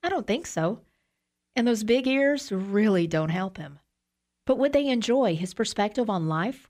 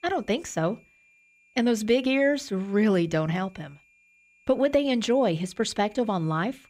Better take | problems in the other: first | high-pitched whine; faint; throughout; 2.5 kHz, 35 dB below the speech

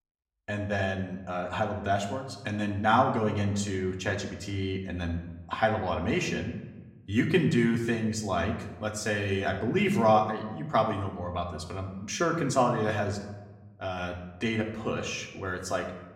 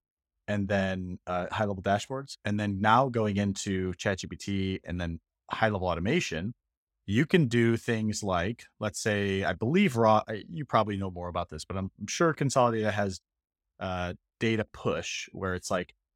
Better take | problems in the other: second | room echo; slight; dies away in 0.8 s // off-mic speech; somewhat distant

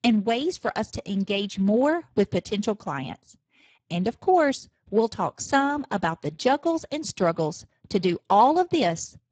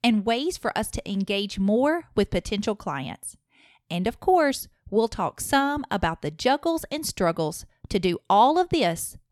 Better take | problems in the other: second | garbled, watery; badly; nothing above 7.5 kHz

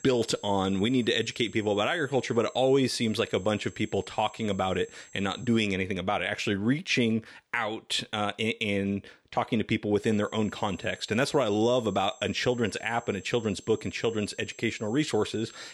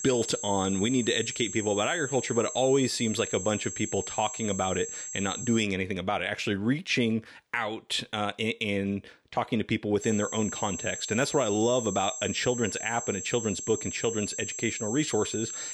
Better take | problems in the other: first | high-pitched whine; loud; until 5.5 s and from 10 s on; 7.5 kHz, 6 dB below the speech; faint in the first

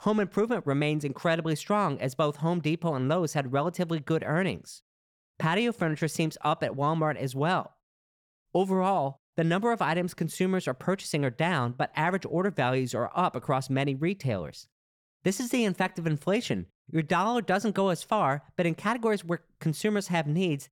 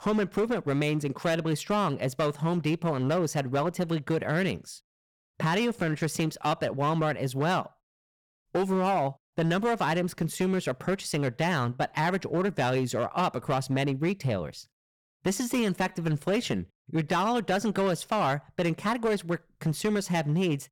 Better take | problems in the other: first | distortion; slight; 9% of the sound clipped

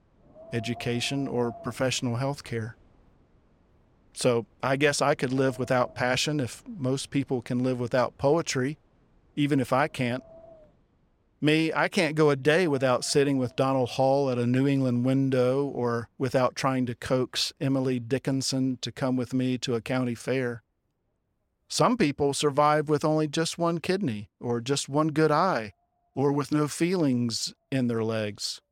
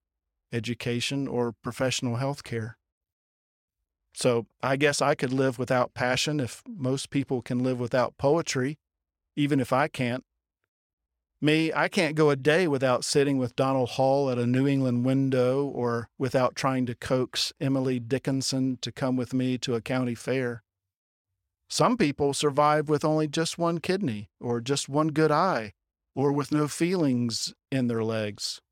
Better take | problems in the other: second | wind in the background; faint; throughout; 25 dB below the speech

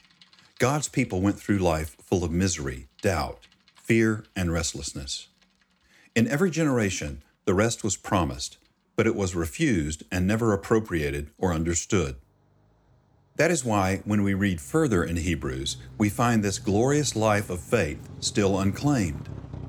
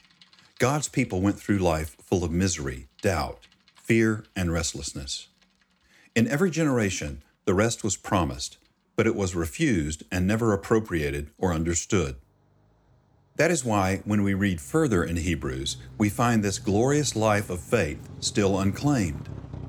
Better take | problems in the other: neither | traffic noise; noticeable; throughout; 20 dB below the speech; the same in both

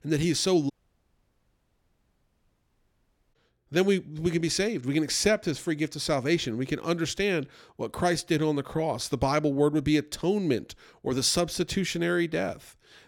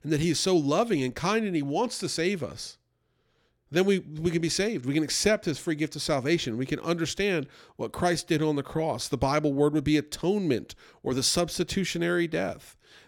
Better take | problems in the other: second | audio cutting out; at 0.5 s for 2.5 s

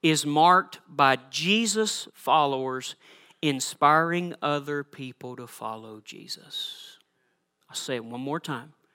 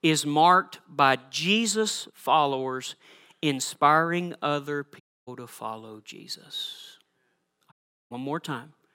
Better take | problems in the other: first | audio cutting out; at 5 s and at 7.5 s

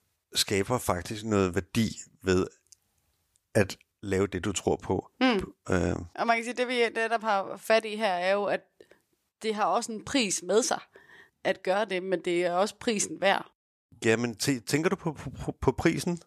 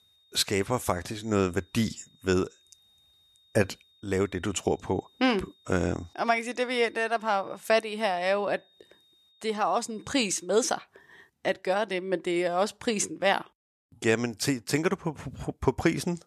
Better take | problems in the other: first | high-pitched whine; faint; until 10 s; 3.5 kHz, 30 dB below the speech

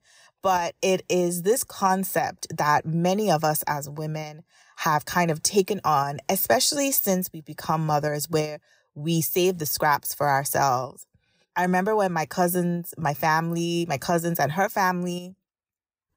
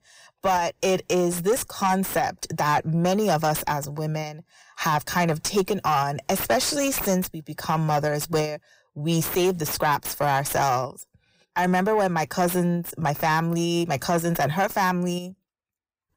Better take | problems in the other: first | distortion; slight; 10 dB below the speech

